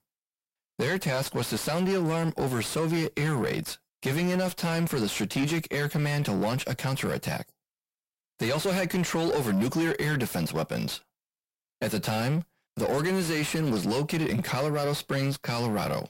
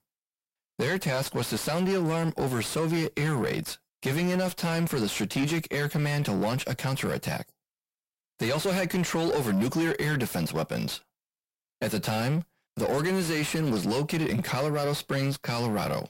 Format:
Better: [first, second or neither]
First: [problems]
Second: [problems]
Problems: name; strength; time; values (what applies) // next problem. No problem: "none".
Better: neither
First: distortion; heavy; 6 dB below the speech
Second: distortion; heavy; 6 dB below the speech